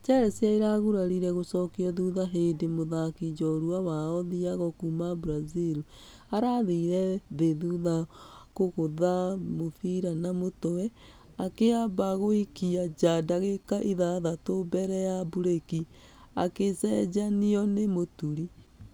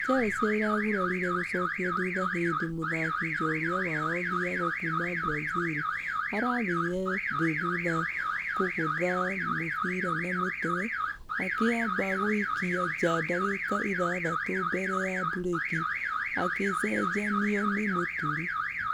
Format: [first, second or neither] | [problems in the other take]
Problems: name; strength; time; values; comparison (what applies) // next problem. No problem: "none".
first | background sound (Alarm / Car); 1 dB above the speech